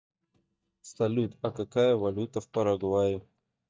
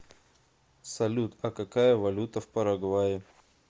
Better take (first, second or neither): second